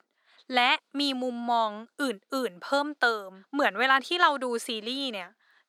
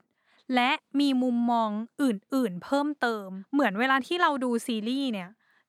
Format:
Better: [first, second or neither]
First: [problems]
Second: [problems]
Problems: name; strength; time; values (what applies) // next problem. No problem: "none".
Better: second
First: thin; somewhat; fading below 450 Hz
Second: none